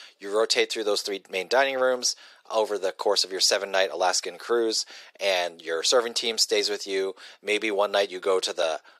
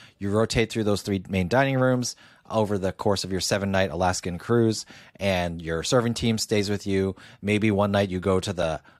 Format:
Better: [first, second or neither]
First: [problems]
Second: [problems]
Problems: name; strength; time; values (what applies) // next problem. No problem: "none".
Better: second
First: thin; very; fading below 400 Hz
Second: none